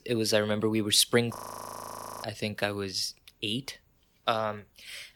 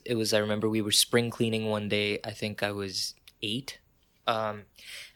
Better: second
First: audio freezing; at 1.5 s for 1 s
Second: none

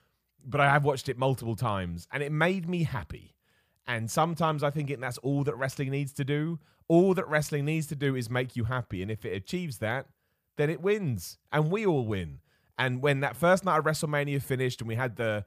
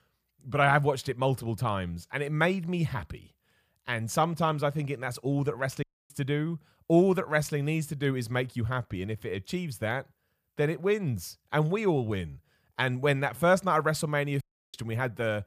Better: first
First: none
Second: audio cutting out; at 6 s and at 14 s

